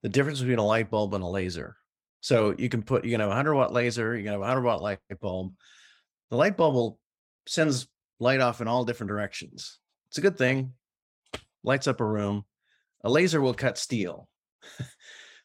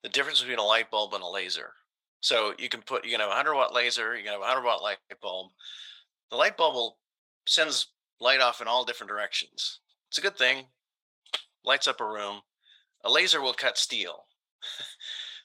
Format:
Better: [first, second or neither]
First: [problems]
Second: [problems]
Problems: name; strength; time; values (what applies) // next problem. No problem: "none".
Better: first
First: none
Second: thin; very; fading below 850 Hz